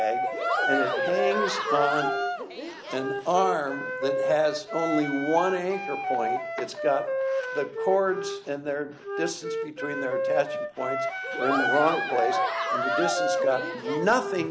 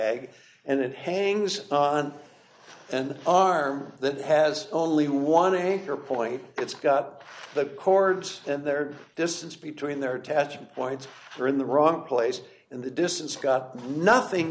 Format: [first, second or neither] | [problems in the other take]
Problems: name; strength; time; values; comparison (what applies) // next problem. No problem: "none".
second | background sound (Wind instrument, woodwind instrument + Cheering); as loud as the speech